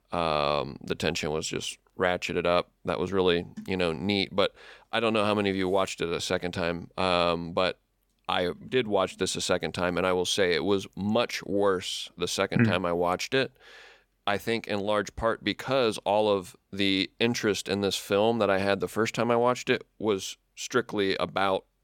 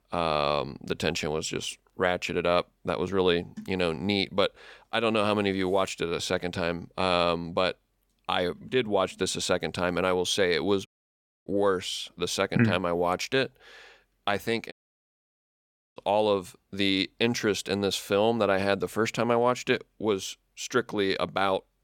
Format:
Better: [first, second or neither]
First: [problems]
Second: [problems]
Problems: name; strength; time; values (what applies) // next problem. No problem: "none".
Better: first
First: none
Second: audio cutting out; at 11 s for 0.5 s and at 15 s for 1 s